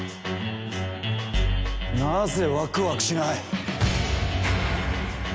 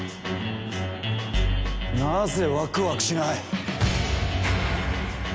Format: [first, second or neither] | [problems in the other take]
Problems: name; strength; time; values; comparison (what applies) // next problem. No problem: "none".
first | background sound (Thunder); 20 dB below the speech